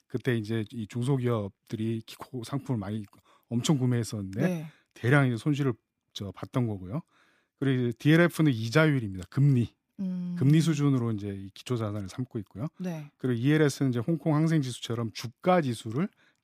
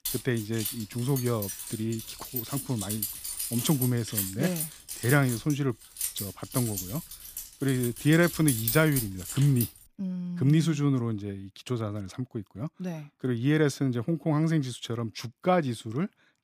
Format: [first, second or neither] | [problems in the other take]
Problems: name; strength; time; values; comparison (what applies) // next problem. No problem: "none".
first | jangling keys; loud; until 9.5 s; peak 1 dB above the speech